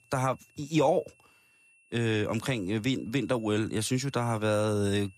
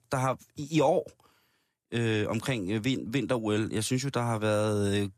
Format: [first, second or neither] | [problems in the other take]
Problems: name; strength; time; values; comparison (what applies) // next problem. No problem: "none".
second | high-pitched whine; faint; throughout; 2.5 kHz, 30 dB below the speech